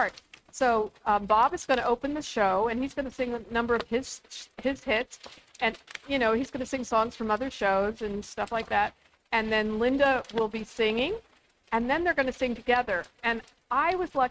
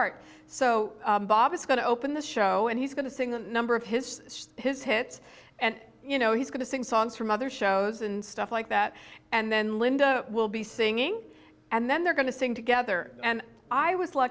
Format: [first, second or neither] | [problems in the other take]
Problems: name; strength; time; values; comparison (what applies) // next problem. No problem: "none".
second | noise reduction (neural mask model RNNoise)